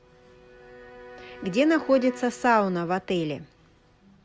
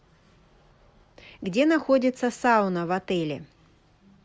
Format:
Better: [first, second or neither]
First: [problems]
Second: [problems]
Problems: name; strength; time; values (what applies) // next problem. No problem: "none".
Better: second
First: background sound (Bowed string instrument); 19 dB below the speech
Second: none